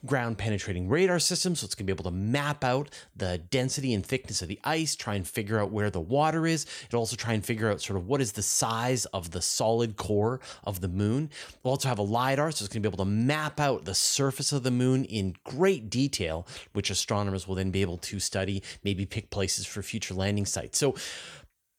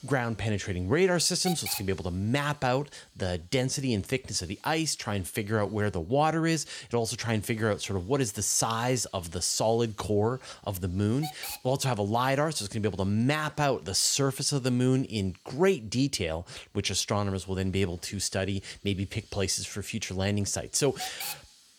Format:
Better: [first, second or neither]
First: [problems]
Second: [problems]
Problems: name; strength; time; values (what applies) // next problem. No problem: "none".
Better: first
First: none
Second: hiss; noticeable; throughout; 10 dB below the speech